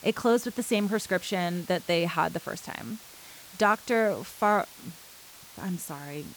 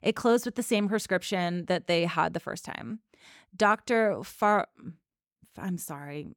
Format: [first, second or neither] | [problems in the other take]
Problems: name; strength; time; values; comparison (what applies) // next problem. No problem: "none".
second | hiss; noticeable; throughout; 20 dB below the speech